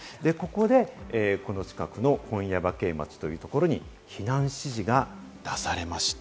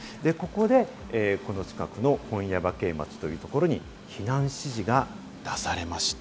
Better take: first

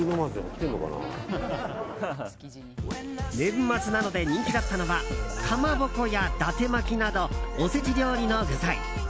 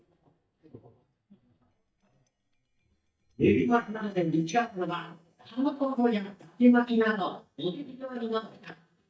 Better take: first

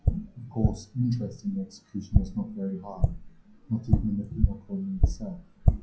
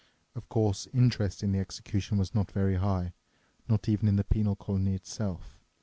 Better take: second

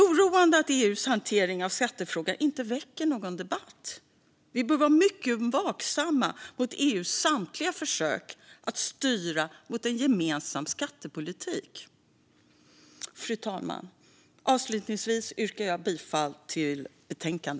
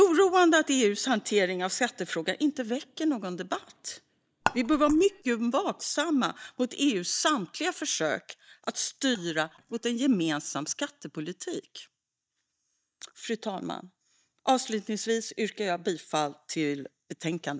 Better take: first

